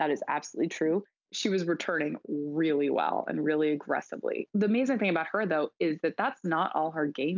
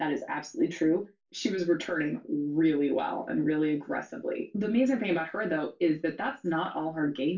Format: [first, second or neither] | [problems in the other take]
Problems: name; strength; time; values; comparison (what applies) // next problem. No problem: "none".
first | room echo; dies away in 0.2 s